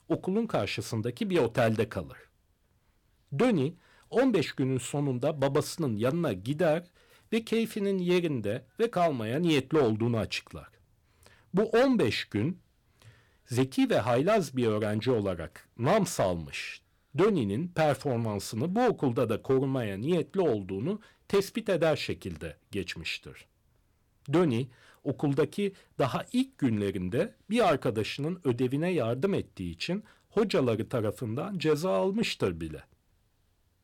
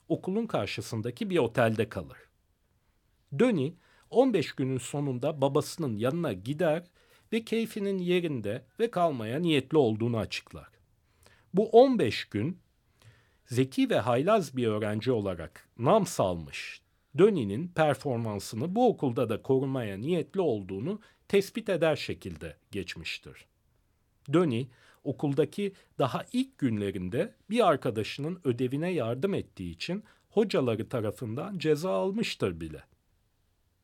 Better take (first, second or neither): second